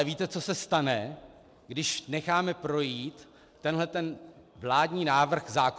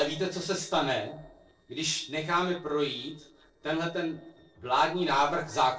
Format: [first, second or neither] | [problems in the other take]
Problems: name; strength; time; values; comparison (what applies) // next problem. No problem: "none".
first | noise reduction (neural separator model SepFormer DNS4)